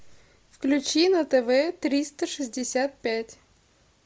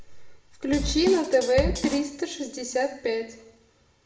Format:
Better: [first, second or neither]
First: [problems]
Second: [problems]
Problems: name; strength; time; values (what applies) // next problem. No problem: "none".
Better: first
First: none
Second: background sound (Drum kit); 5 dB below the speech // room echo; dies away in 0.7 s